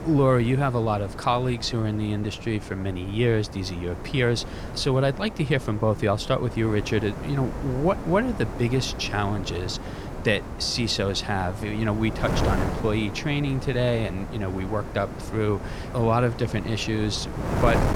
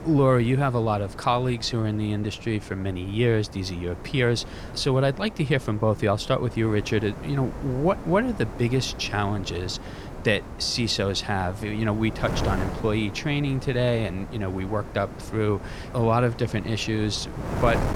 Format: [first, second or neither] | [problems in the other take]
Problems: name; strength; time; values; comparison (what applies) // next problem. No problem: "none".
second | wind noise on the microphone; heavy; 10 dB below the speech; occasional gusts in the second